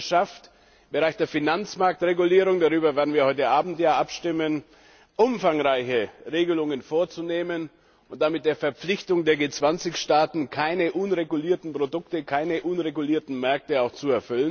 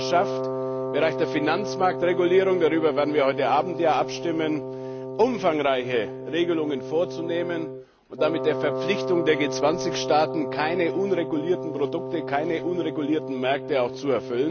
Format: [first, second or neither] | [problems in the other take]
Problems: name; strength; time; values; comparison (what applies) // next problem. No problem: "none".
first | background sound (Wind instrument, woodwind instrument); 6 dB below the speech